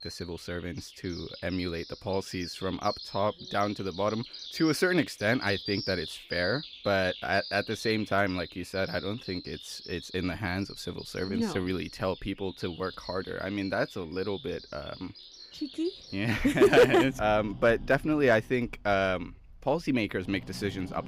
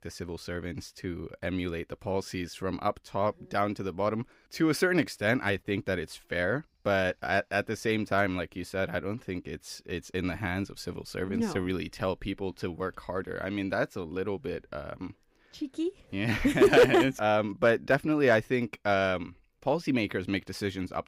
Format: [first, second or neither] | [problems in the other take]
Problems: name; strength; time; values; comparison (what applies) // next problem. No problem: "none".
second | animal sounds; noticeable; throughout; 15 dB below the speech